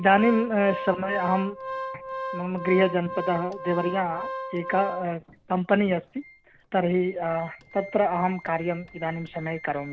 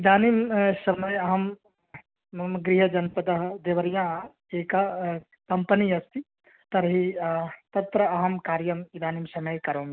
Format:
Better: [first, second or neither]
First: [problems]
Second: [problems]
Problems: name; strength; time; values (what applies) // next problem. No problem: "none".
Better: second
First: background sound (Organ); 10 dB below the speech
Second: none